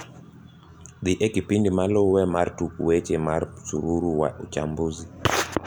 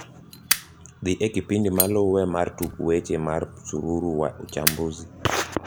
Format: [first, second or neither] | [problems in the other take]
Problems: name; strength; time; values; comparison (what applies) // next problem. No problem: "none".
first | background sound (Fire); 7 dB below the speech